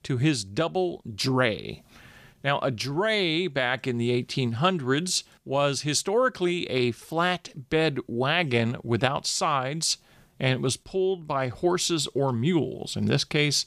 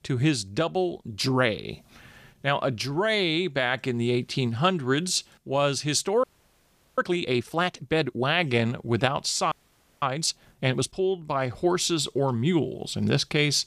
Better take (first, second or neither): first